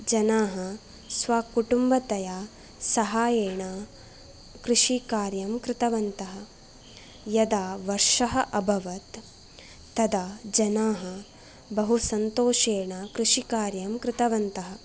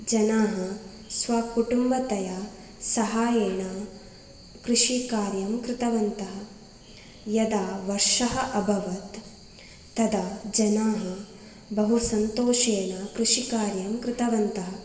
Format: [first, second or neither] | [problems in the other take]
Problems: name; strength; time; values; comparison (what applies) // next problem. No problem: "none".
first | room echo; dies away in 1.3 s